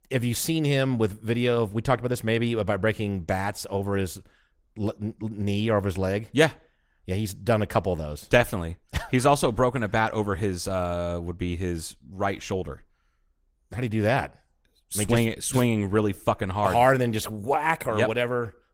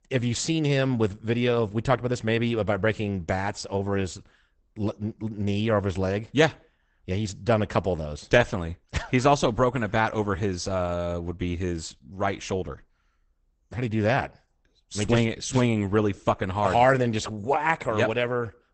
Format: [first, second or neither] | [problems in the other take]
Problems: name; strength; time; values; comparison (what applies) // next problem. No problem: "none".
first | garbled, watery; badly; nothing above 8 kHz; slightly in the first